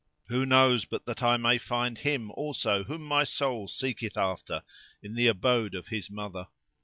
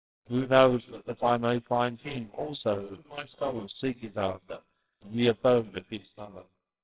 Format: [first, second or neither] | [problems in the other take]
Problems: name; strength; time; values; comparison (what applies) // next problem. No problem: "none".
first | noise reduction (neural separator model SepFormer WHAMR!)